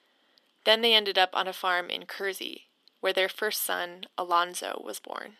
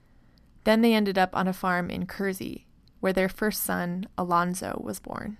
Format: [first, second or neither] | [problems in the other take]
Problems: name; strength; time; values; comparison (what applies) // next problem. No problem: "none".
second | thin; very; fading below 350 Hz